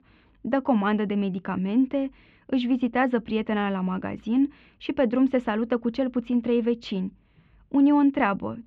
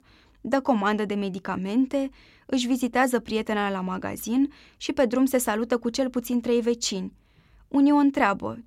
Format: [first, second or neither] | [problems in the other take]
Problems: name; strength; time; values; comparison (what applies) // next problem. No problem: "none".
second | muffled; very; fading above 3 kHz